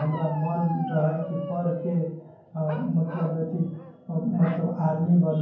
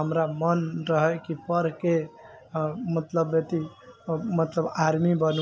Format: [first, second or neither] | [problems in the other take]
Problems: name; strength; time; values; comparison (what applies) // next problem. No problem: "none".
second | background sound (Bark); 13 dB below the speech // room echo; dies away in 0.9 s